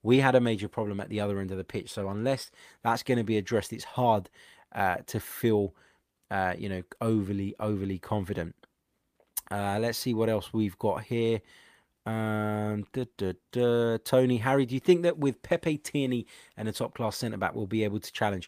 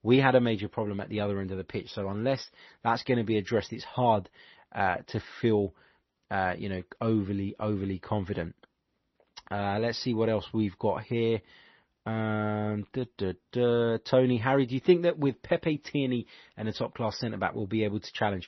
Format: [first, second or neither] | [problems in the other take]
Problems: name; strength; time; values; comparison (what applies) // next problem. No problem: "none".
first | garbled, watery; slightly; nothing above 6 kHz